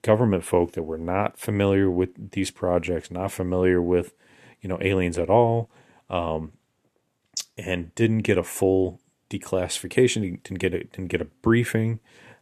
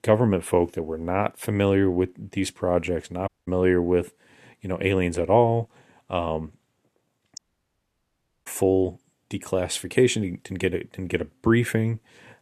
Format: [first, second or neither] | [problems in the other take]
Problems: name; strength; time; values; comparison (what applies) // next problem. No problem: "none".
first | audio cutting out; at 3.5 s and at 7.5 s for 1 s